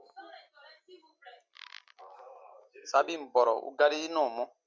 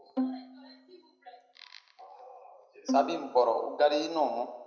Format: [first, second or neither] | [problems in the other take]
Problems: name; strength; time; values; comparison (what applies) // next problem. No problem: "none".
first | background sound (Bowed string instrument); 7 dB below the speech // room echo; dies away in 0.8 s